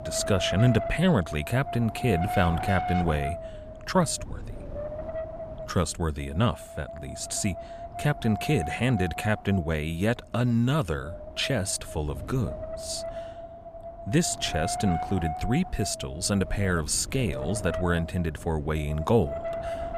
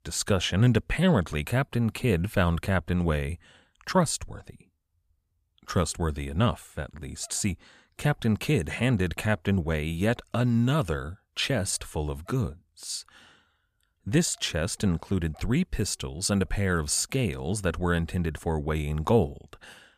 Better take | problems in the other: second | wind noise on the microphone; heavy; 5 dB below the speech

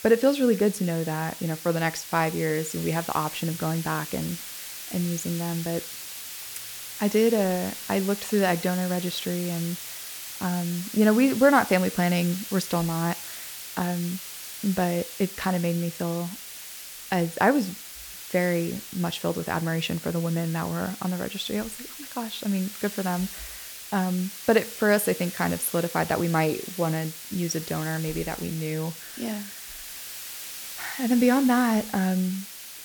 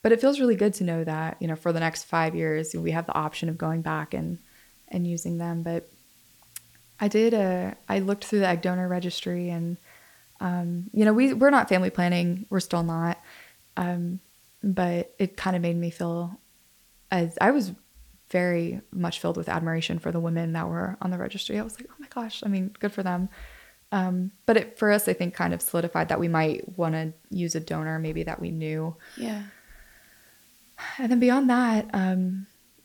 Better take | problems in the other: second | hiss; loud; throughout; 10 dB below the speech; faint in the second

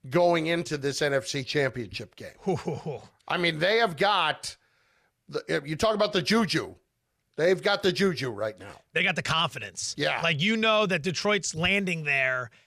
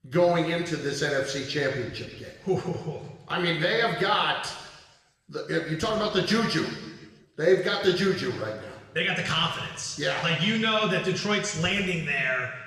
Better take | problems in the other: first | room echo; noticeable; dies away in 1.3 s // off-mic speech; somewhat distant

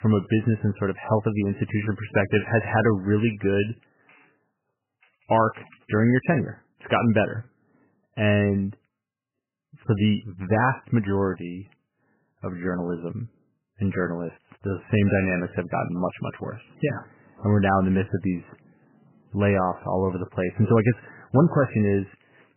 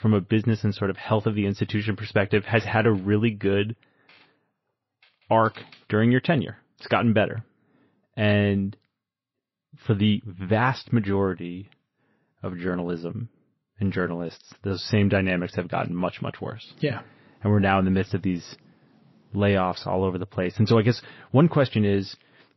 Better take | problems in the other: second | garbled, watery; badly; nothing above 3 kHz; slightly in the second

